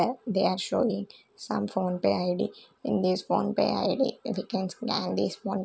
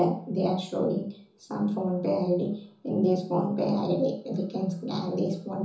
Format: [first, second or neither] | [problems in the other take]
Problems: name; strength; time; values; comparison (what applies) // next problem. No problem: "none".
first | room echo; dies away in 0.7 s